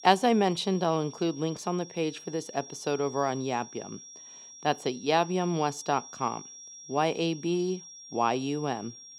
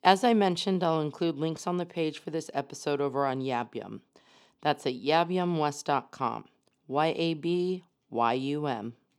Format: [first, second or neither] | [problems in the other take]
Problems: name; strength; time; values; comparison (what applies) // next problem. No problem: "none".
second | high-pitched whine; noticeable; throughout; 5.5 kHz, 15 dB below the speech